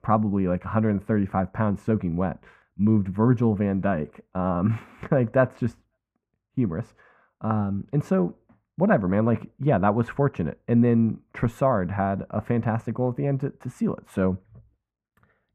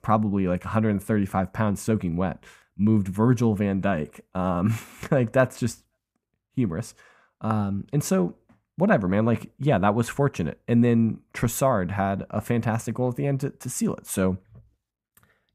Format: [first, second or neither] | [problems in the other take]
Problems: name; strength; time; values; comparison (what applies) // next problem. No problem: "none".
second | muffled; very; fading above 3.5 kHz